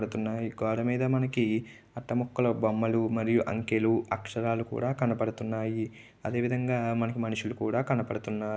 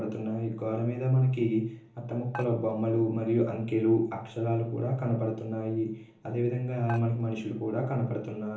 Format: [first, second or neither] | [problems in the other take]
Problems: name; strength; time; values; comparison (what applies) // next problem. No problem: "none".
first | background sound (Dishes, pots, and pans); 17 dB below the speech // room echo; dies away in 1.2 s